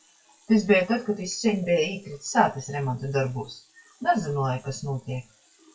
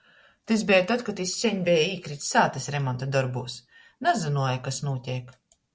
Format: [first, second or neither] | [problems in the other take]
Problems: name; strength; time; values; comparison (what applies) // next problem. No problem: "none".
second | noise reduction (classical method WPE with log-MMSE)